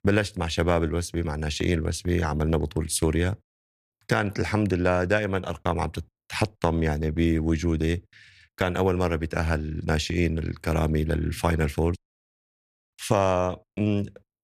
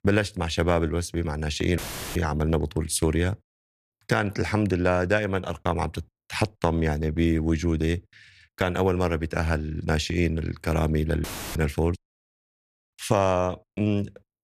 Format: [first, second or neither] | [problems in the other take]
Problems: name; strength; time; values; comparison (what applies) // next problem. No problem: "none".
first | audio cutting out; filled with static; at 2 s and at 11 s